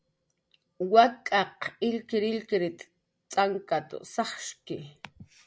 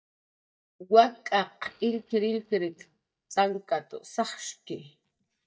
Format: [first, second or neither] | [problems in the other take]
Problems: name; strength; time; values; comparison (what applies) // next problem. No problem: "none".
first | noise reduction (neural mask model DeepFilterNet 3)